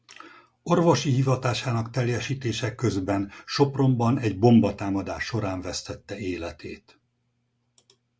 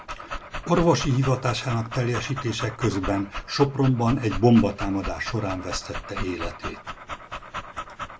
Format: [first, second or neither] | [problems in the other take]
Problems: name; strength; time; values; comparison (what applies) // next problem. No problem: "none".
first | background sound (Dog); 10 dB below the speech